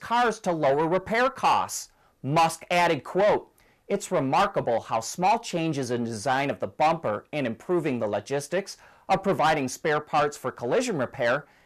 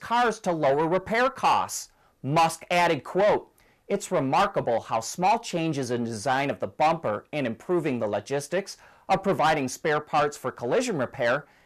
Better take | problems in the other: neither | distortion; heavy; 8 dB below the speech; the same in both

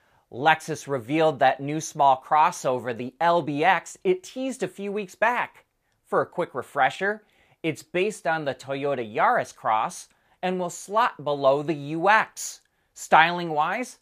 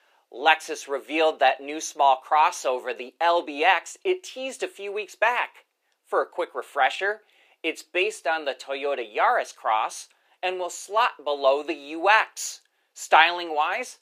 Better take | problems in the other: first | thin; somewhat; fading below 350 Hz

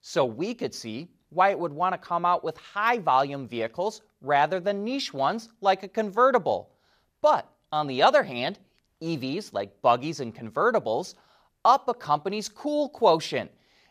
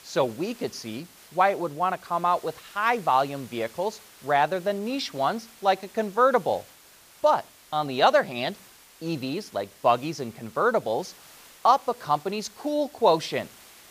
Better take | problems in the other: first | hiss; faint; throughout; 25 dB below the speech

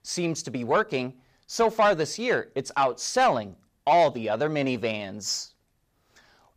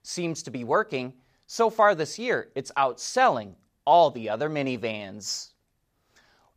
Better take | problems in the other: second | distortion; slight; 10 dB below the speech

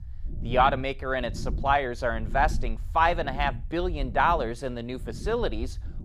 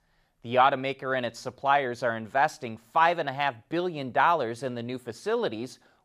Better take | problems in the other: second | low rumble; faint; throughout; 25 dB below the speech

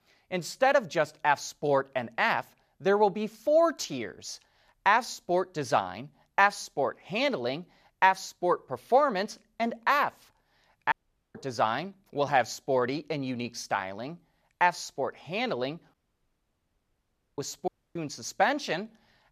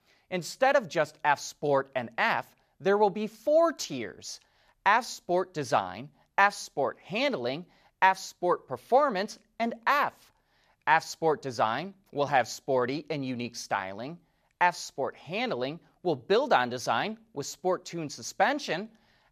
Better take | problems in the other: second | audio cutting out; at 11 s, at 16 s for 1.5 s and at 18 s

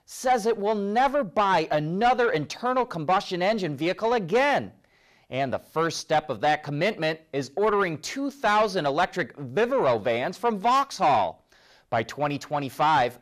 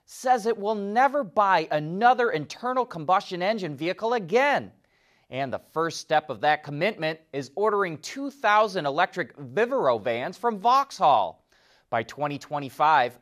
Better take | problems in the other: second | distortion; slight; 10 dB below the speech

